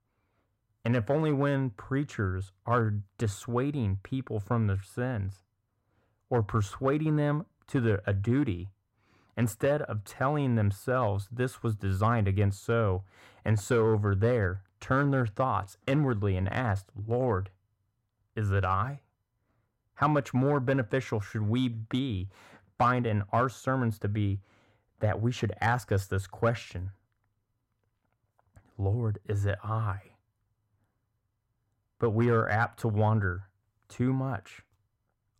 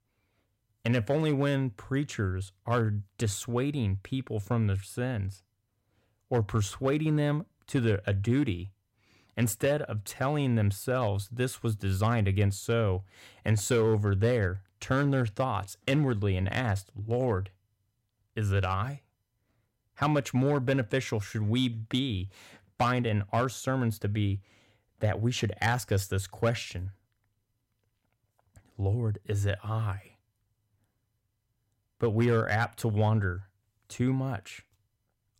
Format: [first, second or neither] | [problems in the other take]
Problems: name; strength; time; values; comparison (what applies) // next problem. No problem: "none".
second | muffled; slightly; fading above 1.5 kHz